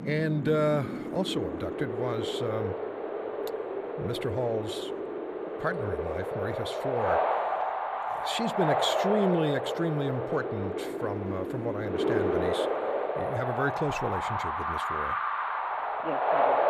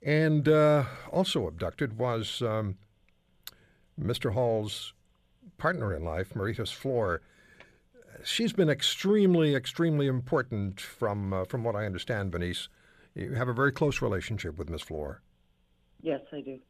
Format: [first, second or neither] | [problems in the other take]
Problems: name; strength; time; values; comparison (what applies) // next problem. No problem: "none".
second | wind noise on the microphone; heavy; 4 dB above the speech